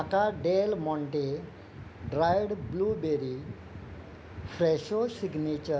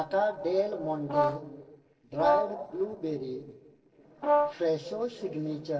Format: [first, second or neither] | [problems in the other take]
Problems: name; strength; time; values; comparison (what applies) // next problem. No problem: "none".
first | noise reduction (neural separator model SepFormer DNS4)